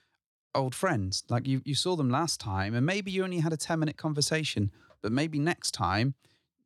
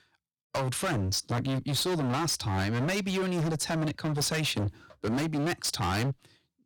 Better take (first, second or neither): first